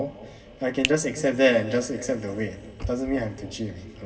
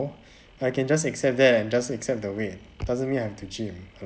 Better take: second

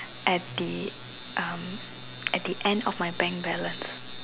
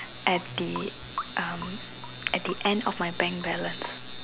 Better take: first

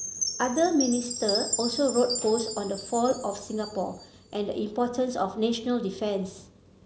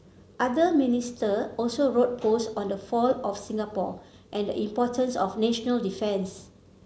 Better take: second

